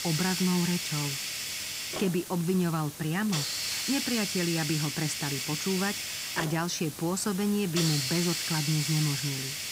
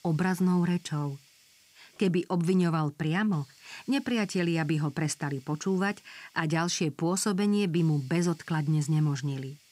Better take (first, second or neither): second